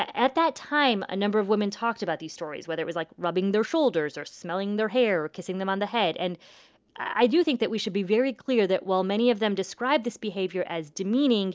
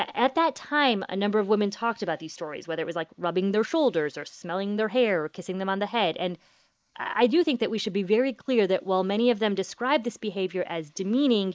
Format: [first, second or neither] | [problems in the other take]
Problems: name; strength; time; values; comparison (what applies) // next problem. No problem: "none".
first | noise reduction (neural mask model Resemble Enhance denoiser)